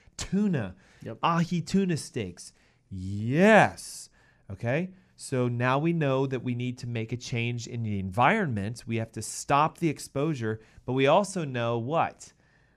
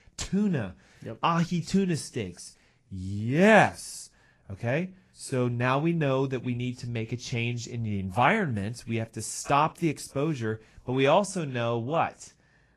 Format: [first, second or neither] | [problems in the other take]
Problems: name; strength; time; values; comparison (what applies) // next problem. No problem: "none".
first | garbled, watery; slightly; nothing above 11.5 kHz